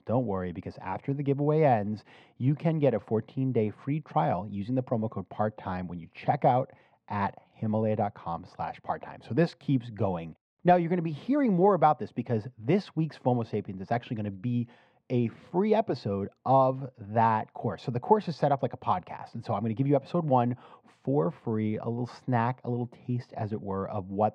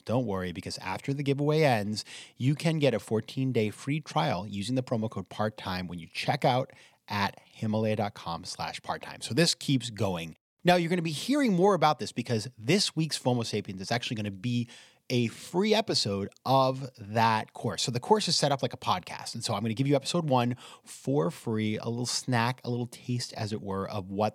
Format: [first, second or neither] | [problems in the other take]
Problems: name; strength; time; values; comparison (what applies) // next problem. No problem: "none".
second | muffled; very; fading above 4 kHz